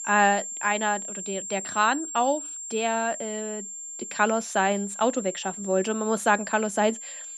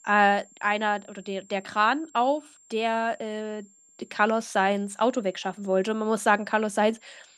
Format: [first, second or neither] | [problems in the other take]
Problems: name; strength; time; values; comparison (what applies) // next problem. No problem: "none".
second | high-pitched whine; loud; throughout; 7.5 kHz, 8 dB below the speech; faint in the second